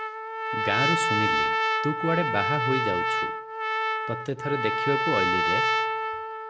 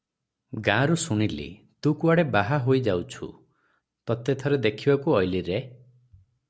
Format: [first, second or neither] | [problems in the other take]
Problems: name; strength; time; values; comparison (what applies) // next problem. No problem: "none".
second | background sound (Trumpet); 5 dB above the speech